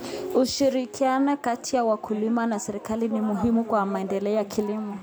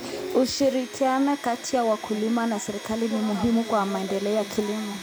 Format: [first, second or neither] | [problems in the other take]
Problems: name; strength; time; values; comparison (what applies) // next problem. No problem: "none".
first | background sound (Domestic sounds, home sounds); 16 dB below the speech